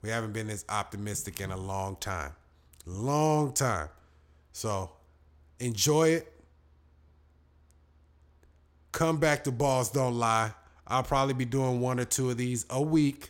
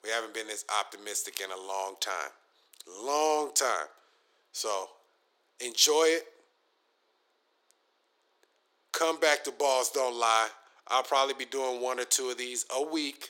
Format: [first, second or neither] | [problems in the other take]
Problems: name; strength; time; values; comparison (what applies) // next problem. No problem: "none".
first | thin; very; fading below 400 Hz